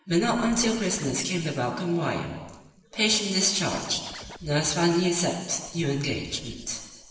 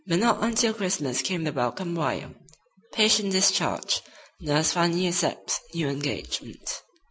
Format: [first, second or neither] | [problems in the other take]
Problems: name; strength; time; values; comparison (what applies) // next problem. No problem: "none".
second | background sound (Scratching (performance technique)); 15 dB below the speech // room echo; dies away in 1.3 s